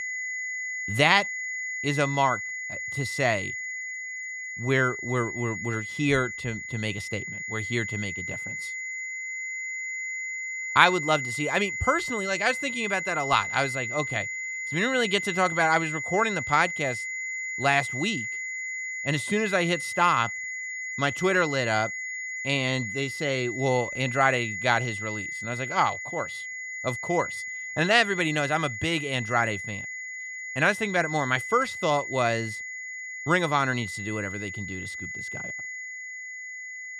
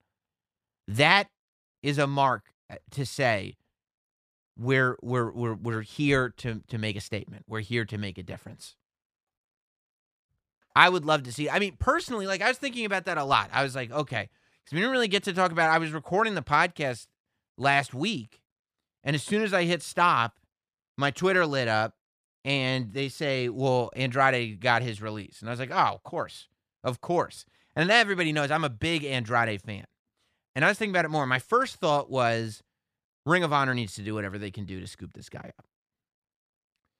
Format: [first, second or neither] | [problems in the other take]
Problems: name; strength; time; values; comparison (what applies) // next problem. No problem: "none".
second | high-pitched whine; loud; throughout; 2 kHz, 6 dB below the speech